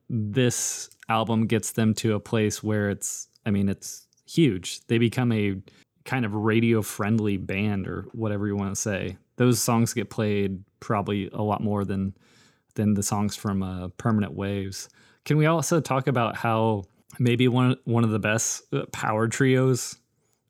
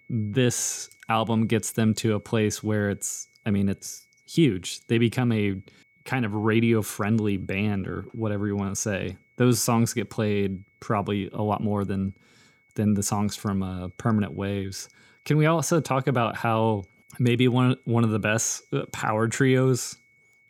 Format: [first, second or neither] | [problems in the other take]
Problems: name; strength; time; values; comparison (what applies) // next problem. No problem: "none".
first | high-pitched whine; faint; throughout; 2 kHz, 35 dB below the speech